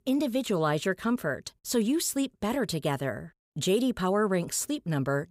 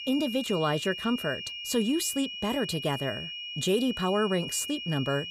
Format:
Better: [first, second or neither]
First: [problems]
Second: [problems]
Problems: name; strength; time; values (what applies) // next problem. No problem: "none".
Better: first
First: none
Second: high-pitched whine; loud; throughout; 3 kHz, 6 dB below the speech